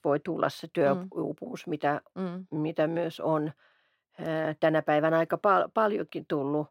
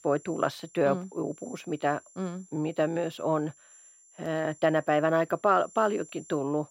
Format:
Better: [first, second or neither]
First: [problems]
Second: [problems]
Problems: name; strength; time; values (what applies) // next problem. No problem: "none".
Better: first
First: none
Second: high-pitched whine; faint; throughout; 7 kHz, 25 dB below the speech